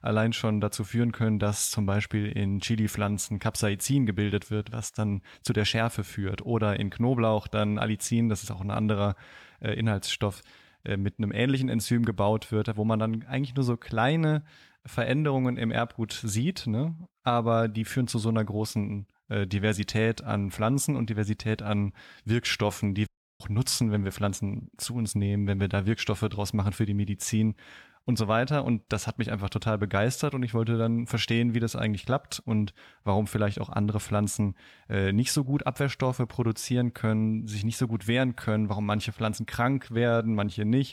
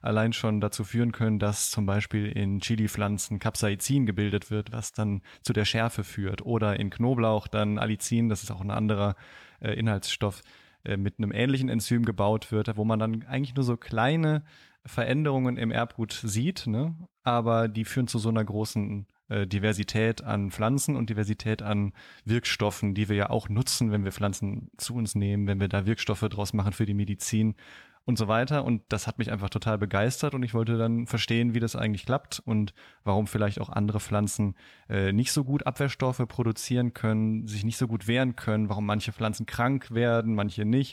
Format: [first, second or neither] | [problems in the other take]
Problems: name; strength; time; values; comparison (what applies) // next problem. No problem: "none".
second | audio cutting out; at 23 s